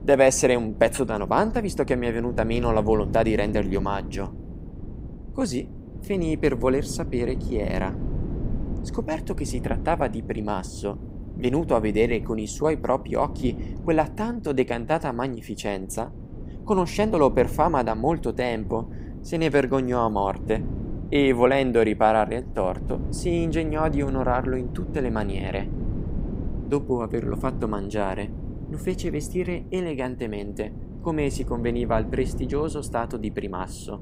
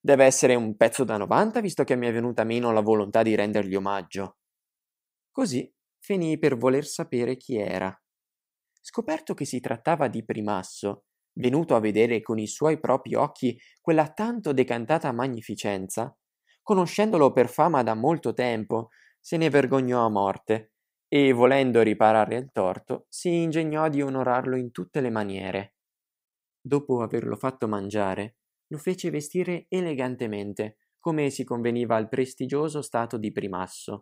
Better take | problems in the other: second | wind noise on the microphone; occasional gusts; 15 dB below the speech

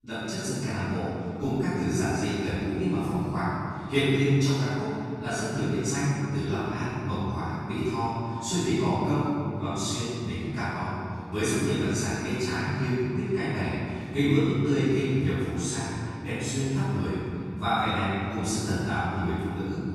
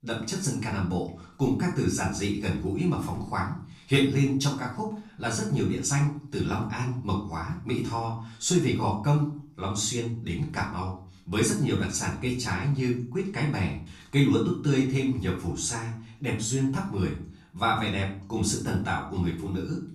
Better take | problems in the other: second | room echo; strong; dies away in 2.9 s; slight in the second // off-mic speech; far; far in the second

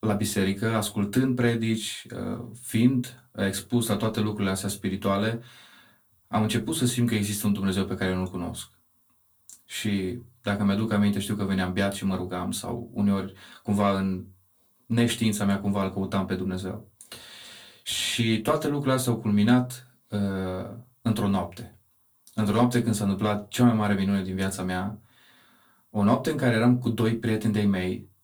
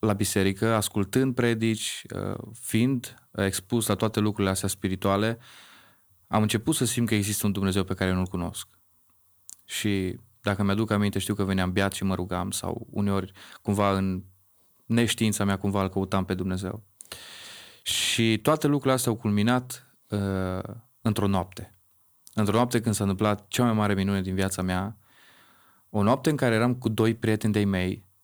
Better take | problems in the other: second | off-mic speech; far // room echo; very slight; dies away in 0.2 s

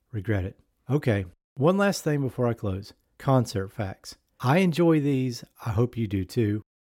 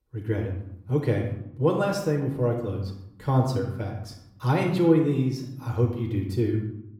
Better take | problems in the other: first | off-mic speech; somewhat distant // room echo; slight; dies away in 0.7 s

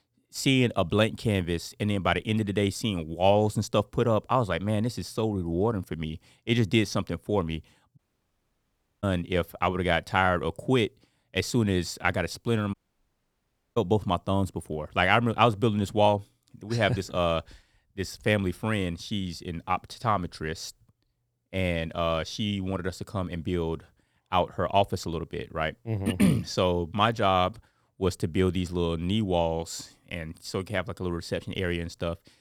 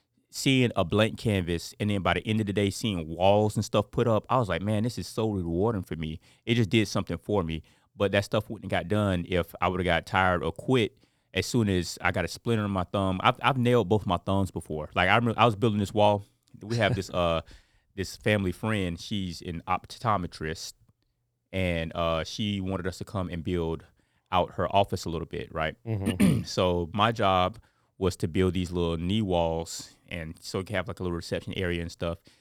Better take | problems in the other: second | audio cutting out; at 8 s for 1 s and at 13 s for 1 s

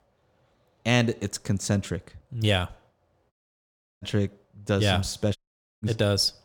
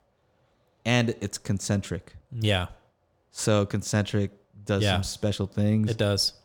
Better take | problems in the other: second | audio cutting out; at 3.5 s for 0.5 s and at 5.5 s

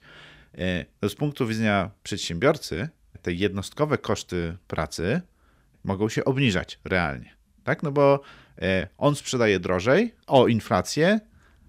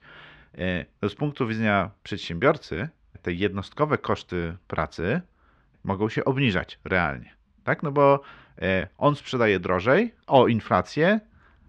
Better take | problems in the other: first | muffled; slightly; fading above 3 kHz

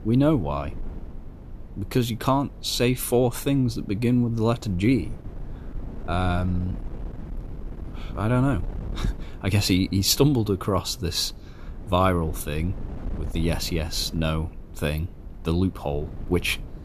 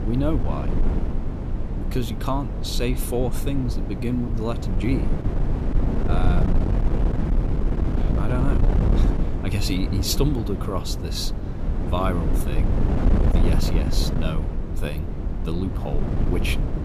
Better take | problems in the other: first | wind noise on the microphone; heavy; 4 dB below the speech; occasional gusts in the first

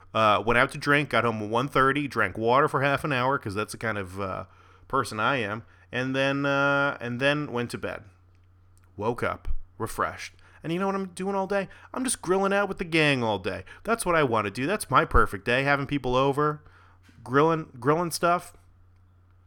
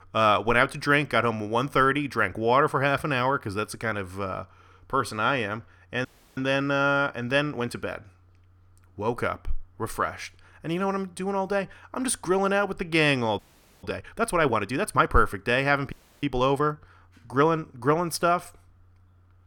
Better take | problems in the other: first | audio freezing; at 6 s, at 13 s and at 16 s

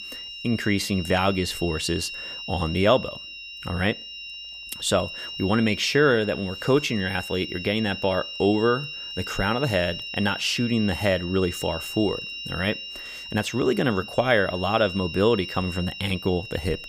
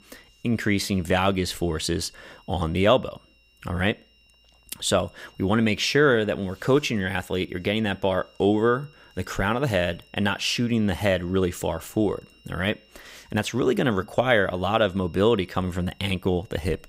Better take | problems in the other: second | high-pitched whine; loud; throughout; 3 kHz, 9 dB below the speech; faint in the second

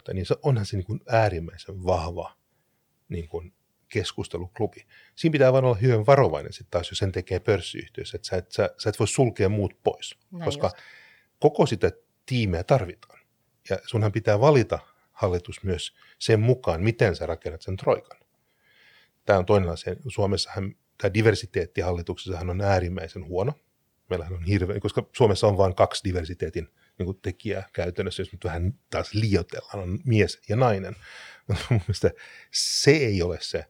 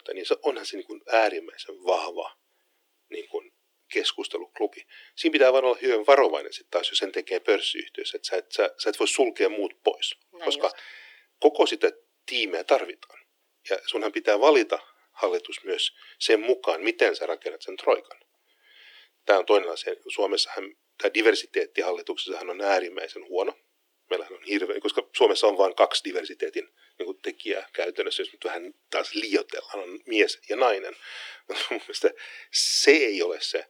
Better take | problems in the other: first | thin; very; fading below 300 Hz

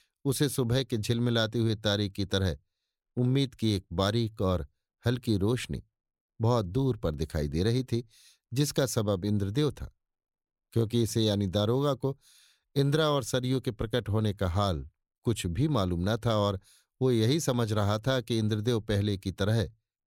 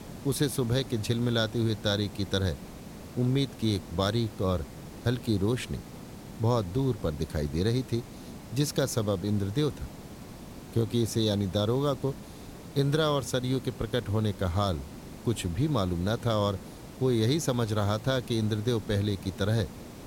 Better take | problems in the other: first | hiss; noticeable; throughout; 15 dB below the speech

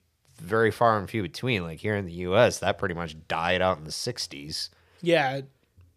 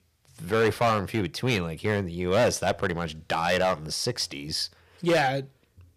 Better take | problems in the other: first | distortion; heavy; 6% of the sound clipped

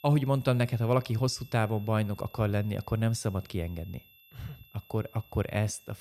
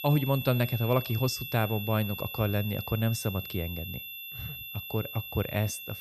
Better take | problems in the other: first | high-pitched whine; loud; throughout; 12 kHz, 8 dB below the speech; faint in the first

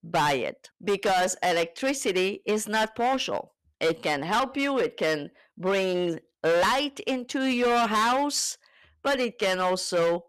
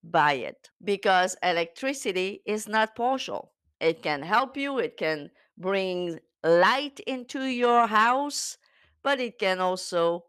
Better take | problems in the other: second | distortion; heavy; 14% of the sound clipped

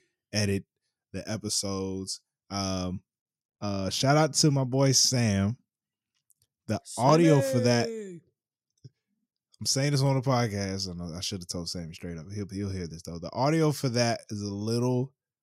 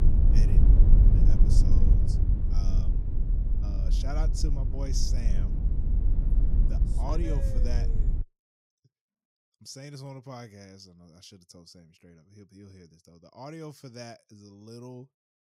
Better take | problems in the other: first | low rumble; loud; until 8 s; as loud as the speech

